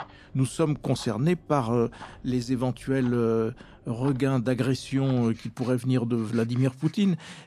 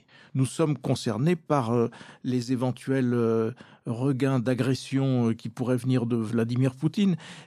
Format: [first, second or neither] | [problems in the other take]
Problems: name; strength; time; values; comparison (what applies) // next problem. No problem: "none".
second | household noises; faint; throughout; 25 dB below the speech